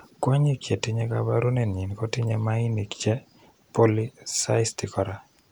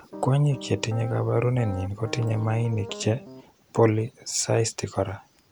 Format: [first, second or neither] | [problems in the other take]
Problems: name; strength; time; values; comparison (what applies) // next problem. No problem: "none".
first | background sound (Piano); 14 dB below the speech